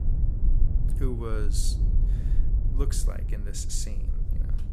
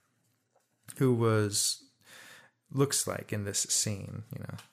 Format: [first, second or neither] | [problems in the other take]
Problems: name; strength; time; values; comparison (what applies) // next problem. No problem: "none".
second | low rumble; loud; throughout; 9 dB below the speech